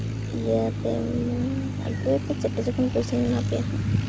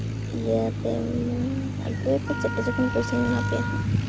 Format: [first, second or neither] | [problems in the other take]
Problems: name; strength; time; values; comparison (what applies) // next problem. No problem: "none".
first | background sound (Wind instrument, woodwind instrument); 9 dB below the speech